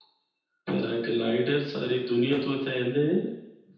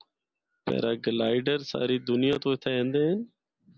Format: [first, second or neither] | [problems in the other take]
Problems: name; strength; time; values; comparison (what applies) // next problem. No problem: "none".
second | room echo; dies away in 0.9 s